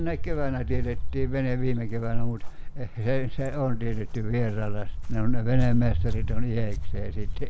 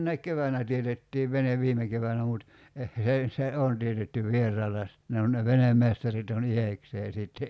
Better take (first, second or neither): second